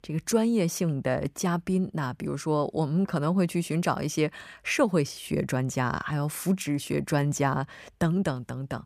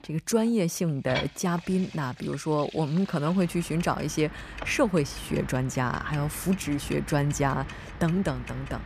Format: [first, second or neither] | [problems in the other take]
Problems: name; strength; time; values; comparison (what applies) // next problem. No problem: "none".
first | household noises; noticeable; throughout; 15 dB below the speech